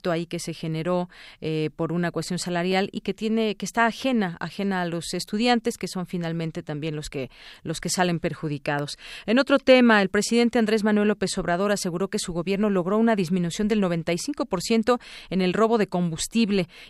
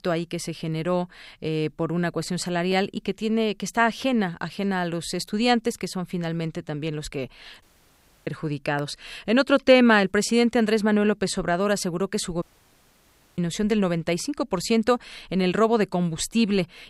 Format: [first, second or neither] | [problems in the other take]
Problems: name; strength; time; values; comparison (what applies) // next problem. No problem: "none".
first | audio cutting out; at 7.5 s for 0.5 s and at 12 s for 1 s